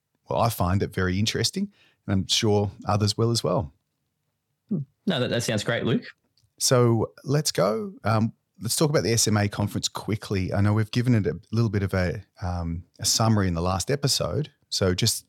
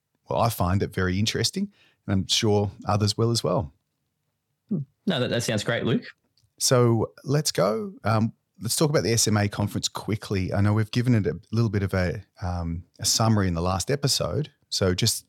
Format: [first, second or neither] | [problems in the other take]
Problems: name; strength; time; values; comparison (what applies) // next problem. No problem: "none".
neither | none